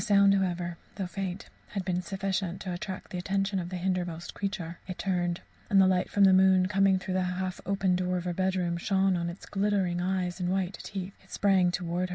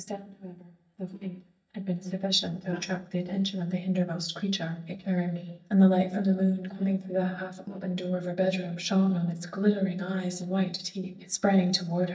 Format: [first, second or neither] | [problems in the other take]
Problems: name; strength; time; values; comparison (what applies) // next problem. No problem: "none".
first | noise reduction (neural mask model DeepFilterNet 3)